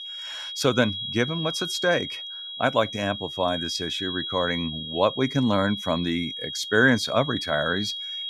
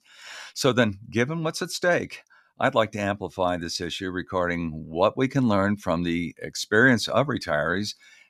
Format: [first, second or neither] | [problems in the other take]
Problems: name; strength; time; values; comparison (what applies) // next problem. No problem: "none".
second | high-pitched whine; loud; throughout; 3.5 kHz, 6 dB below the speech